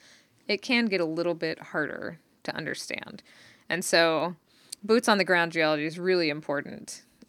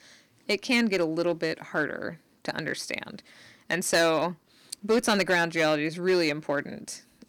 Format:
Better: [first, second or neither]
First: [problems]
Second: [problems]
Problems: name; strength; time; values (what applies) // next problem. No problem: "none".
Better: first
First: none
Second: distortion; slight; 3% of the sound clipped